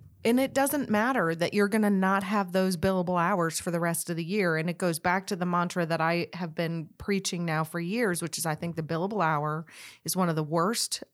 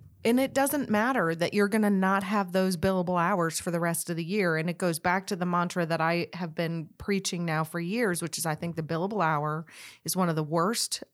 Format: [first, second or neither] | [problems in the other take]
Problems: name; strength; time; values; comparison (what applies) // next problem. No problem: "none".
neither | none